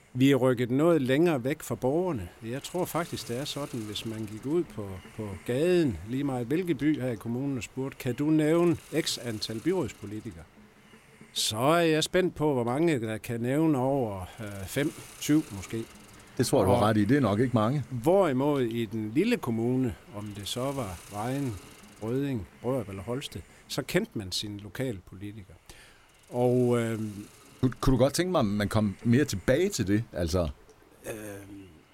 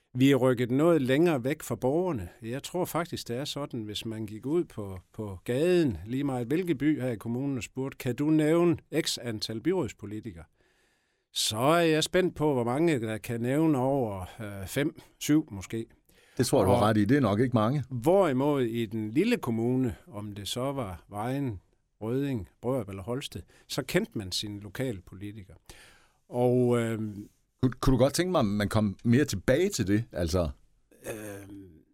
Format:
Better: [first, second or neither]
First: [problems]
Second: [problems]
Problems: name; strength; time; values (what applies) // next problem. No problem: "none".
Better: second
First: hiss; faint; throughout; 25 dB below the speech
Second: none